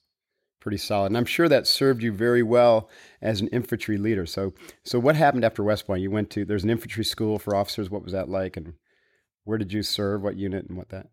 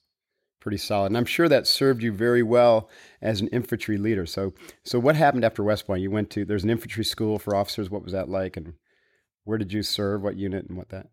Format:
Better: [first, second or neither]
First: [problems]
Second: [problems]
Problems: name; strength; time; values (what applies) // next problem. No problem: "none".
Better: neither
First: none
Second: none